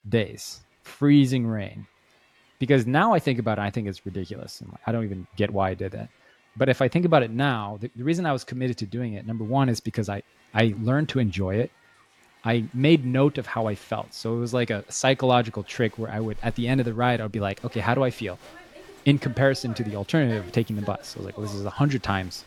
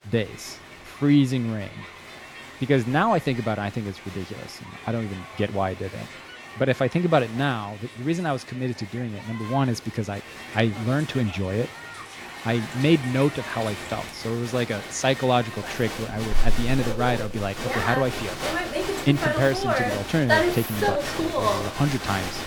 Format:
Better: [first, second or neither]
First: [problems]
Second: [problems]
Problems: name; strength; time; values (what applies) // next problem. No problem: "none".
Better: first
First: crowd noise; faint; throughout; 25 dB below the speech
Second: crowd noise; loud; throughout; 5 dB below the speech